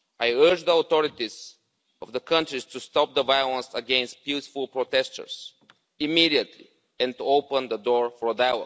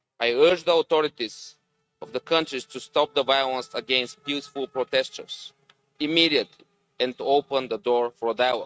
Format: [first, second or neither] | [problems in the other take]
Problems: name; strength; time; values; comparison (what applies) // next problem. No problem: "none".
first | noise reduction (neural mask model RNNoise)